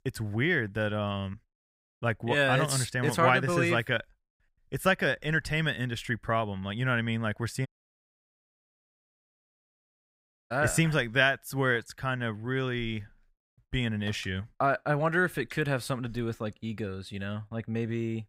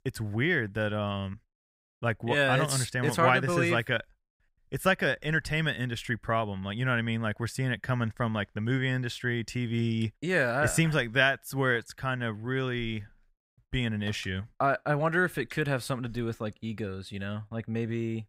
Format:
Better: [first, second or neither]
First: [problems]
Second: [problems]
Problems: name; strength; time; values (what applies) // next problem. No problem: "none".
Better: second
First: audio cutting out; at 7.5 s for 3 s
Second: none